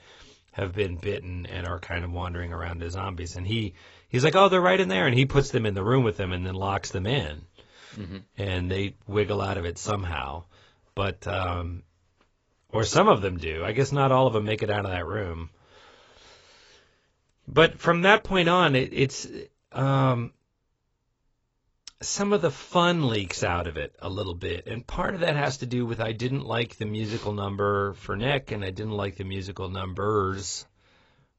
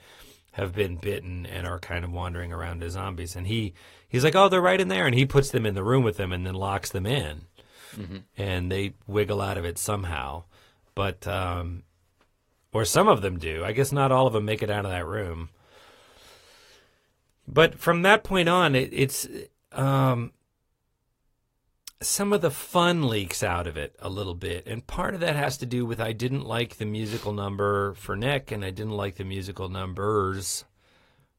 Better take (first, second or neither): second